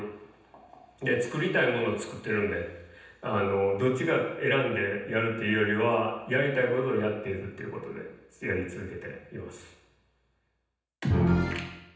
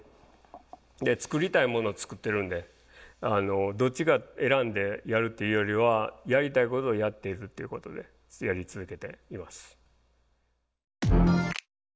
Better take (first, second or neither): second